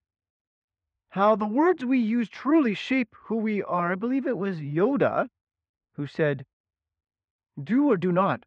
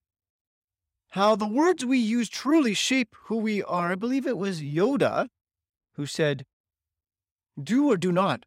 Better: second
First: muffled; very; fading above 2 kHz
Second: none

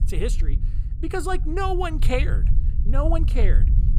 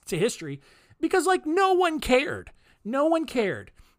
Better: second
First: low rumble; noticeable; throughout; 15 dB below the speech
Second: none

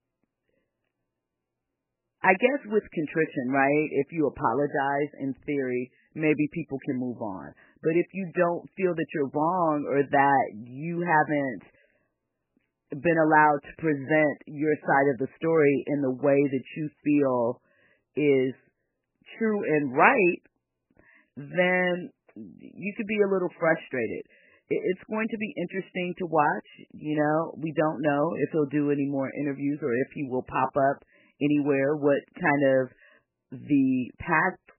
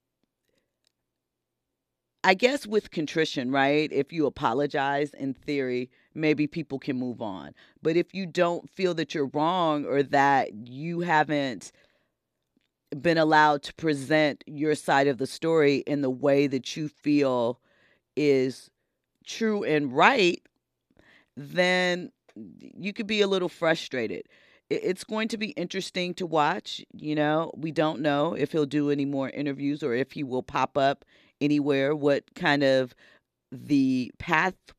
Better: second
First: garbled, watery; badly; nothing above 3 kHz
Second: none

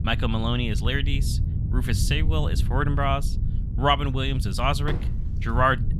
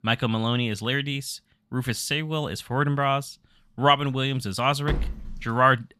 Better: second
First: wind noise on the microphone; occasional gusts; 15 dB below the speech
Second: none

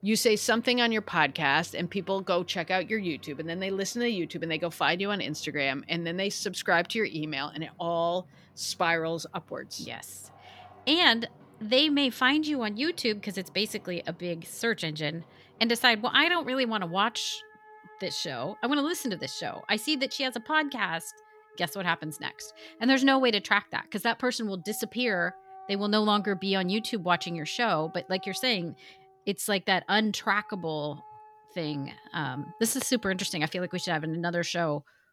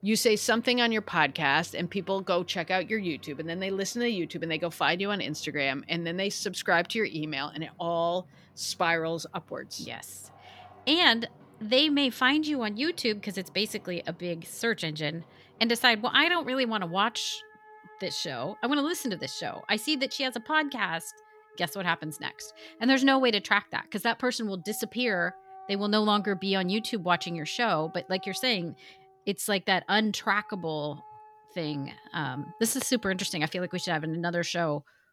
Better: neither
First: background music; faint; throughout; 25 dB below the speech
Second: background music; faint; throughout; 25 dB below the speech

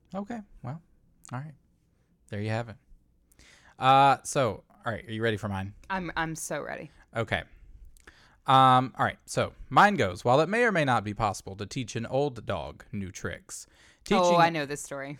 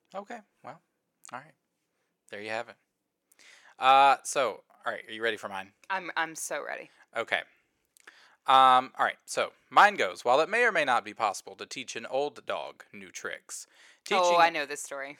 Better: first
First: none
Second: thin; somewhat; fading below 450 Hz

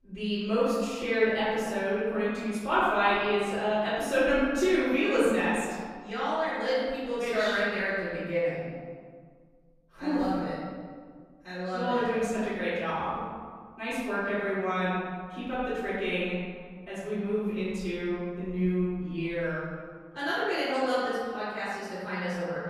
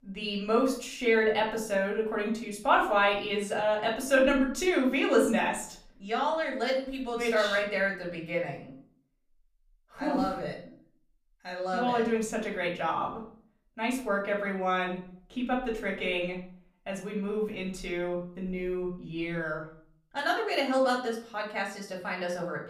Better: second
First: room echo; strong; dies away in 1.7 s // off-mic speech; far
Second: room echo; slight; dies away in 0.4 s // off-mic speech; far

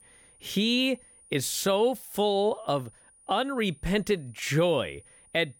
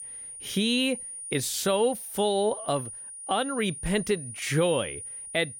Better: first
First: high-pitched whine; faint; throughout; 9.5 kHz, 25 dB below the speech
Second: high-pitched whine; loud; throughout; 9.5 kHz, 9 dB below the speech

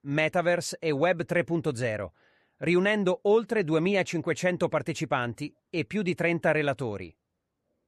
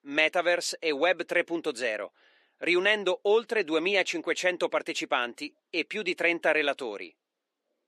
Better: first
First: none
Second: thin; somewhat; fading below 300 Hz

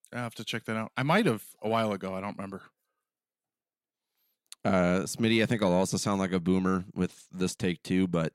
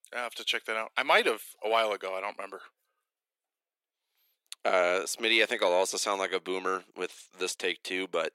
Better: first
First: none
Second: thin; very; fading below 400 Hz

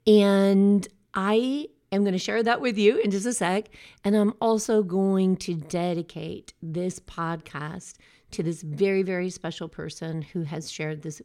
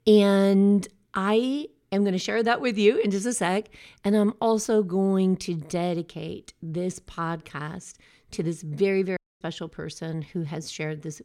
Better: first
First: none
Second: audio cutting out; at 9 s

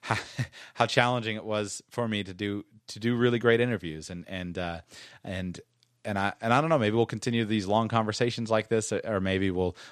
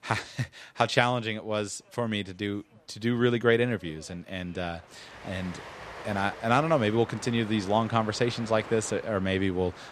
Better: first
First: none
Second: train or aircraft noise; noticeable; throughout; 15 dB below the speech

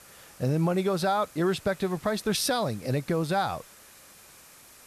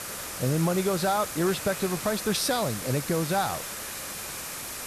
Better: first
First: hiss; faint; throughout; 20 dB below the speech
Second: hiss; loud; throughout; 6 dB below the speech

